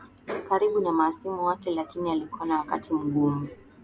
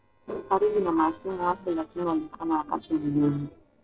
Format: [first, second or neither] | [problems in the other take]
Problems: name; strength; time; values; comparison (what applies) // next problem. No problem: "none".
first | noise reduction (neural separator model SepFormer DNS4)